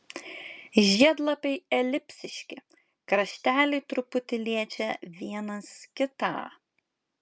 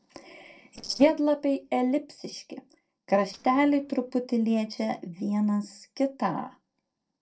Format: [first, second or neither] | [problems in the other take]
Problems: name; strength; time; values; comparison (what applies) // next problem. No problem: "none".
first | noise reduction (neural separator model SepFormer DNS4)